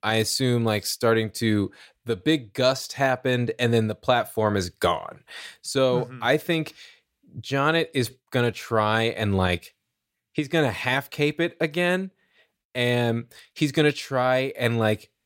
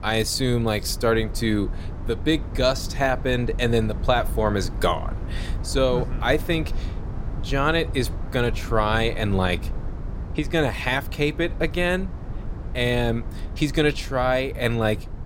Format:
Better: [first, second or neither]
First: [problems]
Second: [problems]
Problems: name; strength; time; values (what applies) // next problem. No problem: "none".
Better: first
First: none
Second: low rumble; noticeable; throughout; 20 dB below the speech